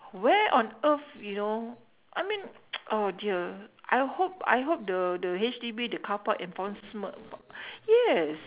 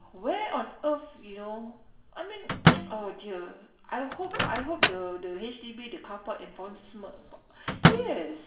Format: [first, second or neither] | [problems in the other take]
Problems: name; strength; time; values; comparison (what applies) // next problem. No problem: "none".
first | background sound (Microwave oven); 5 dB above the speech // room echo; dies away in 0.7 s